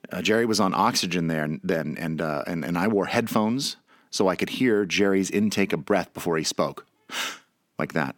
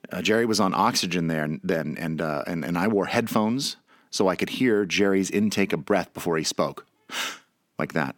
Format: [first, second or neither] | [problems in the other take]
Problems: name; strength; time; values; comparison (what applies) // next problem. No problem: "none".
neither | none